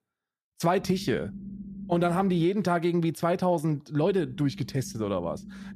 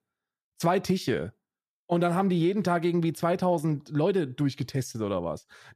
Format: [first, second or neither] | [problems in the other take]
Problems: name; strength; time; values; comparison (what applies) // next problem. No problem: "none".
second | low rumble; faint; from 1 to 2.5 s and from 4 s on; 20 dB below the speech